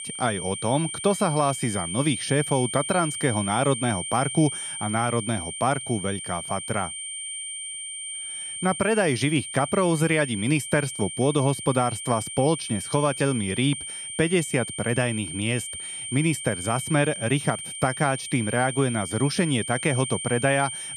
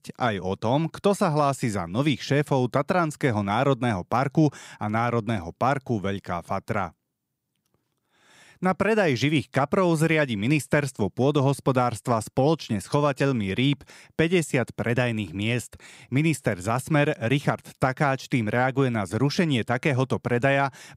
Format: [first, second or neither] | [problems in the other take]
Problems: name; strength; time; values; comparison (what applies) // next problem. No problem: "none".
second | high-pitched whine; loud; throughout; 9 kHz, 6 dB below the speech